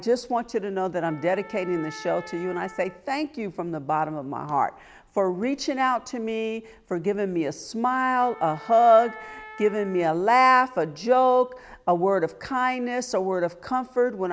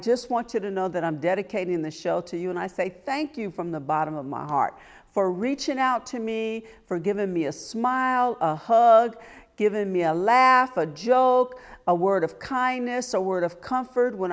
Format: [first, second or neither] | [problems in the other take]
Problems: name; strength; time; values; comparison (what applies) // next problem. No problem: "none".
second | background sound (Wind instrument, woodwind instrument); 18 dB below the speech